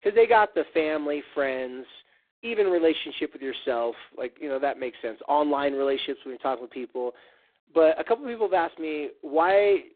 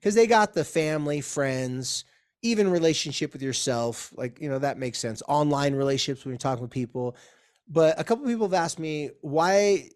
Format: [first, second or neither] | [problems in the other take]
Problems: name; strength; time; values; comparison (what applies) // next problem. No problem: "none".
second | phone-call audio; poor line